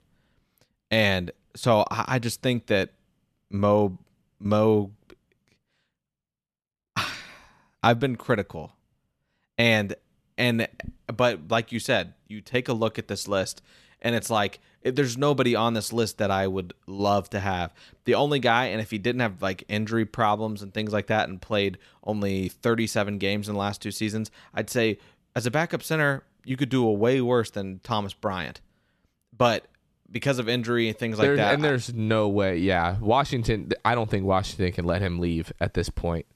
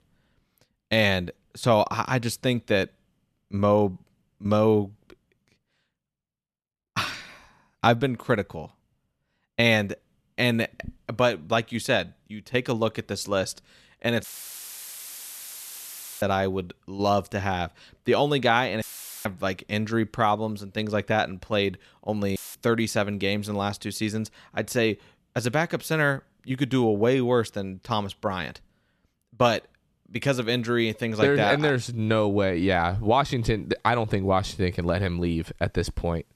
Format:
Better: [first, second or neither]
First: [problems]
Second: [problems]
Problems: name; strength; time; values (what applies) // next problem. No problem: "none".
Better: first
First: none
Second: audio cutting out; filled with static; at 14 s for 2 s, at 19 s and at 22 s